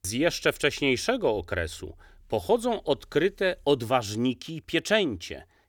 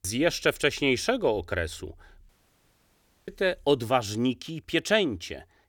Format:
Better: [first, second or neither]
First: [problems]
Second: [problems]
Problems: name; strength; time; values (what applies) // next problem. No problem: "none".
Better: first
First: none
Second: audio cutting out; at 2.5 s for 1 s